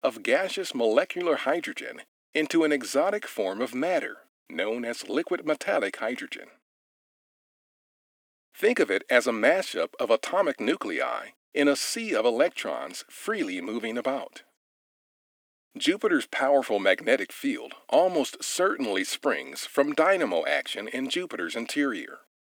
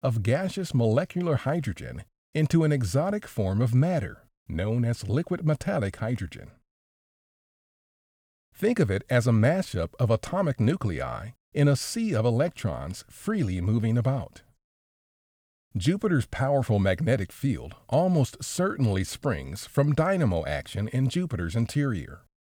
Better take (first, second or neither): second